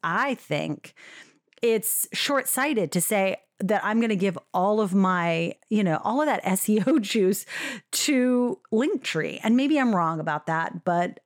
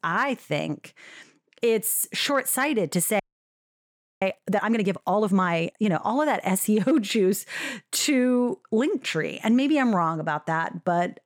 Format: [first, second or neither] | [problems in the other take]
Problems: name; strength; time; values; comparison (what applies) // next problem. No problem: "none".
first | audio freezing; at 3 s for 1 s